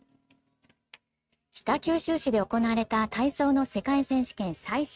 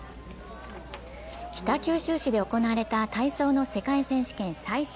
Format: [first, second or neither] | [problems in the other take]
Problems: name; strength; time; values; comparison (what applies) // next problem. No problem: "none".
second | noise reduction (neural mask model RNNoise)